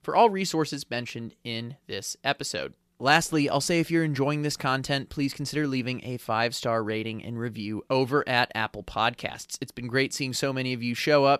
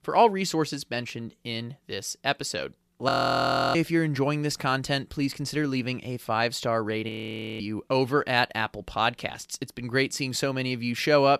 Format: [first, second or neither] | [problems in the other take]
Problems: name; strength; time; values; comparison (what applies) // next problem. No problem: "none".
first | audio freezing; at 3 s for 0.5 s and at 7 s for 0.5 s